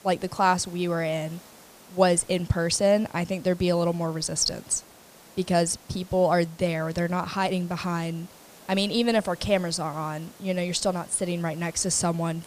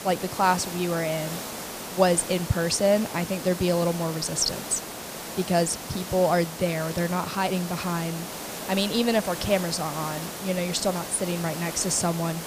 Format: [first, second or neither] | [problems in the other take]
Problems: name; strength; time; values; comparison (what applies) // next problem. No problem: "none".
first | hiss; loud; throughout; 9 dB below the speech; faint in the first